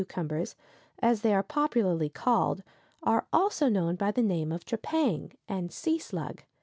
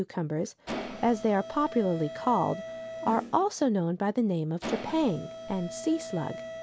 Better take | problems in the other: first | background sound (Mechanisms); 11 dB below the speech

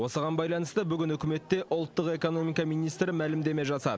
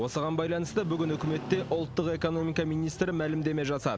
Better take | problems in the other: first | background sound (Motorcycle); 14 dB below the speech

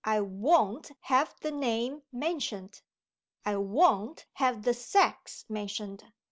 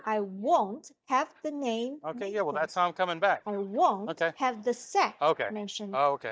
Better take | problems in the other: first | noise reduction (neural mask model DeepFilterNet 3)

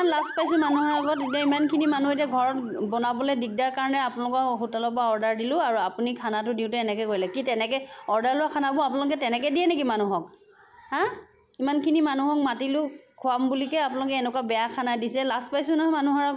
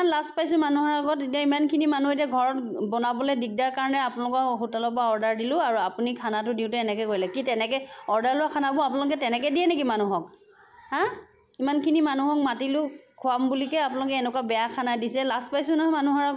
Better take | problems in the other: second | background sound (Motor vehicle (road) / Siren); 18 dB below the speech

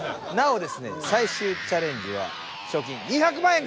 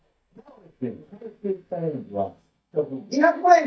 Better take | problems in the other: first | noise reduction (neural mask model DeepFilterNet 3)

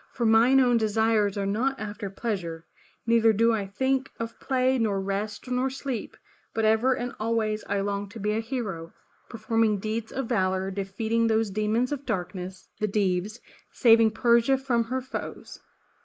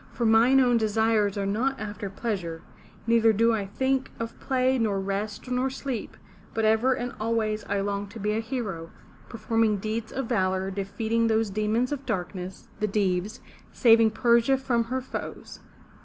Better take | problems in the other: second | noise reduction (neural mask model Resemble Enhance denoiser)

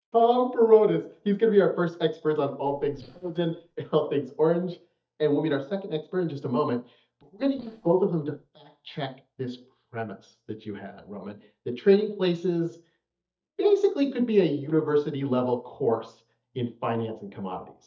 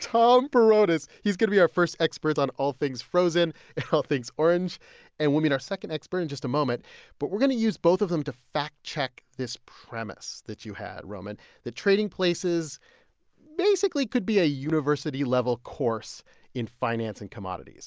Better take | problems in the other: second | noise reduction (neural mask model DeepFilterNet 3)

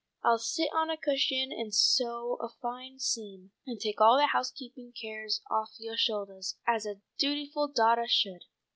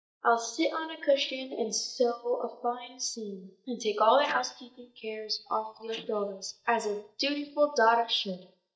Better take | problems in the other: first | noise reduction (neural mask model DeepFilterNet 3)

